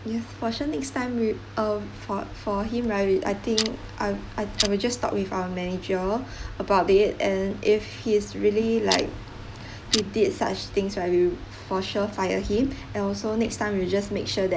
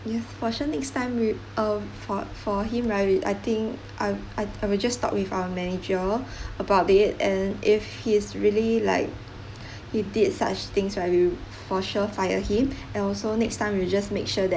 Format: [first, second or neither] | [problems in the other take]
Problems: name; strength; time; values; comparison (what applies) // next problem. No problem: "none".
second | background sound (Clock); 9 dB below the speech